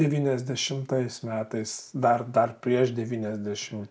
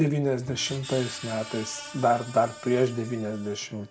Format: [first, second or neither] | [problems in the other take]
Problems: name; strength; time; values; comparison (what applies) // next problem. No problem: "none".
first | background sound (Screech); 15 dB below the speech